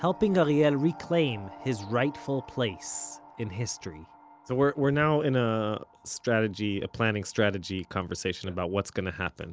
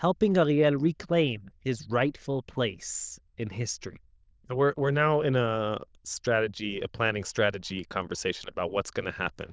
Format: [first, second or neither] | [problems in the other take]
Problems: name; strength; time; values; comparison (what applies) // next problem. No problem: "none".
first | noise reduction (neural diffusion model UNIVERSE++)